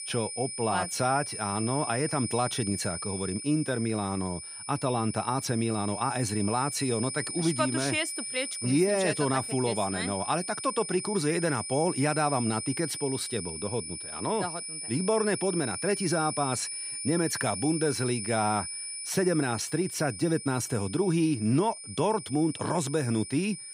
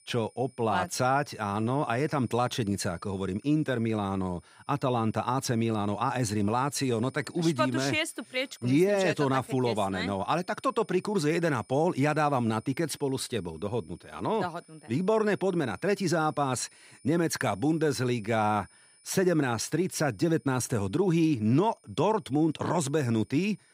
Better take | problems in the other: second | high-pitched whine; loud; throughout; 9.5 kHz, 6 dB below the speech; faint in the second

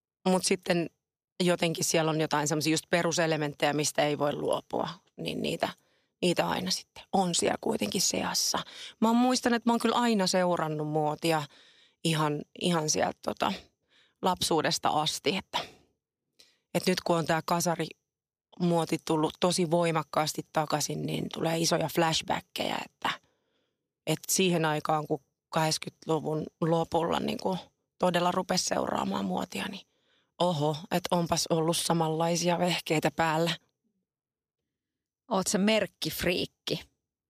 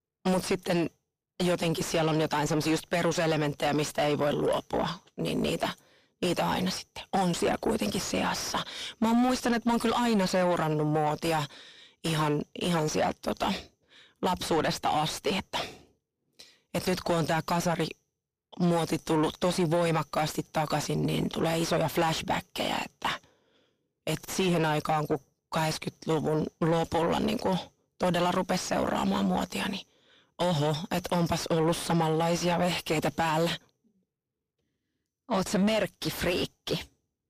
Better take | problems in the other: first | distortion; heavy; 7 dB below the speech

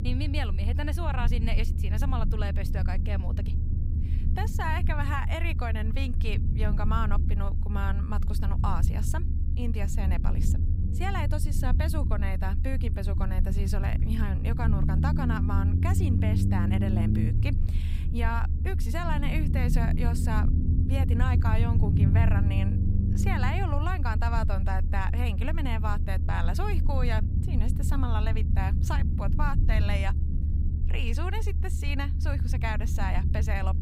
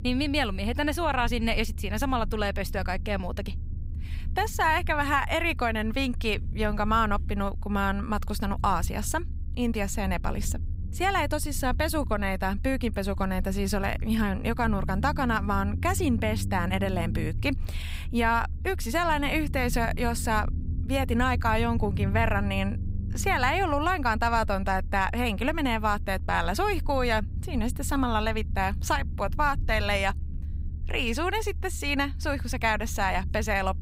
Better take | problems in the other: second | low rumble; loud; throughout; 6 dB below the speech; faint in the second

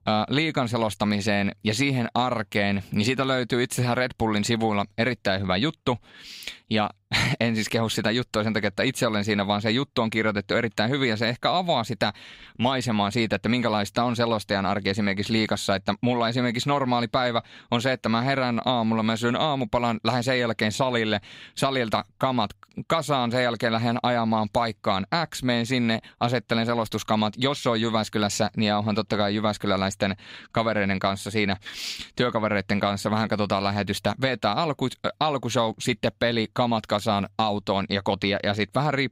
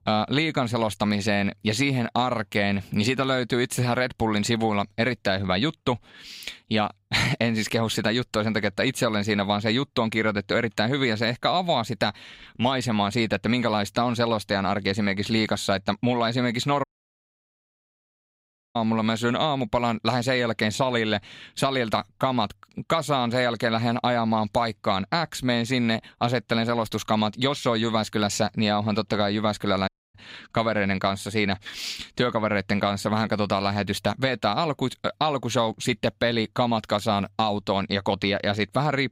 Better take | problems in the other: first | audio cutting out; at 17 s for 2 s and at 30 s

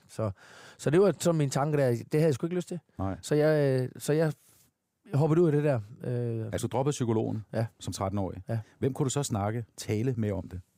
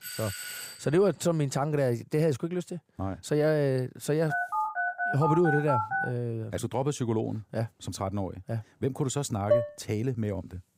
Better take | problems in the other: first | doorbell; noticeable; at the start; peak 7 dB below the speech // phone ringing; loud; from 4.5 to 6 s; peak 1 dB above the speech // clattering dishes; loud; at 9.5 s; peak 2 dB above the speech

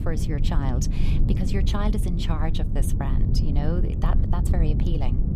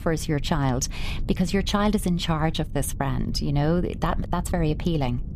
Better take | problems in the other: second | low rumble; loud; throughout; 4 dB below the speech; faint in the second

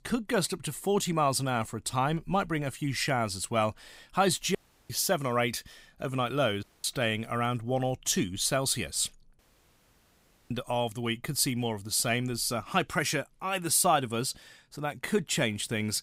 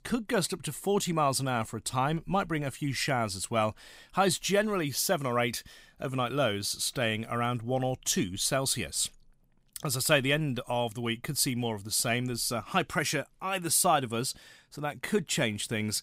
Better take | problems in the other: second | audio cutting out; at 4.5 s, at 6.5 s and at 9.5 s for 1 s

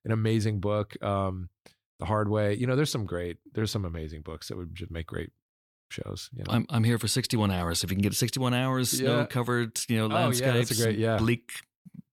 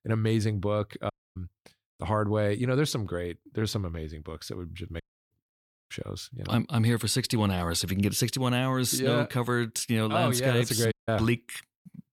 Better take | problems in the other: first | audio cutting out; at 1 s, at 5 s and at 11 s

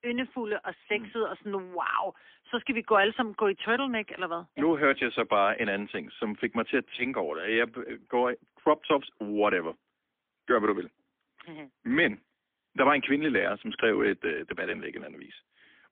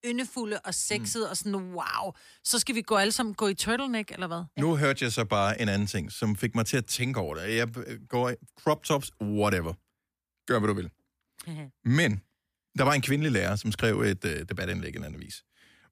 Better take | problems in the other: second | phone-call audio; poor line; nothing above 3.5 kHz

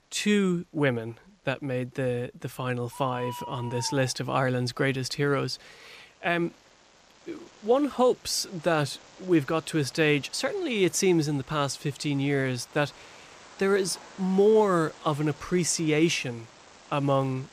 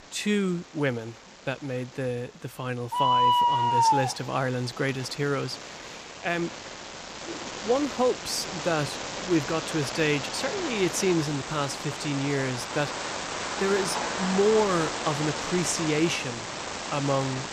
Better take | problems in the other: first | animal sounds; loud; throughout; 1 dB below the speech; faint in the first

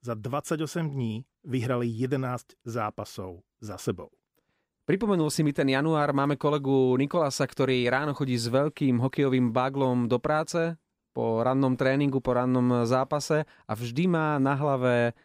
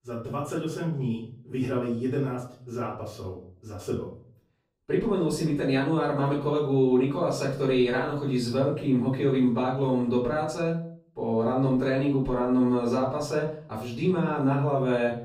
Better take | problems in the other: first | off-mic speech; far // room echo; noticeable; dies away in 0.5 s

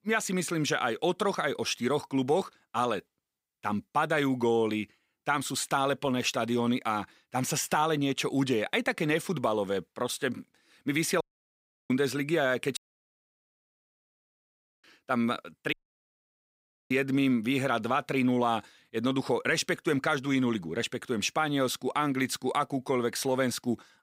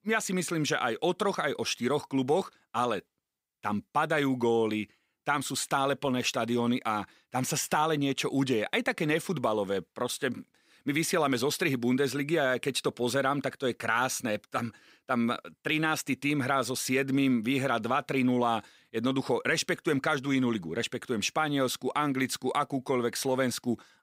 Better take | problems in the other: second | audio cutting out; at 11 s for 0.5 s, at 13 s for 2 s and at 16 s for 1 s

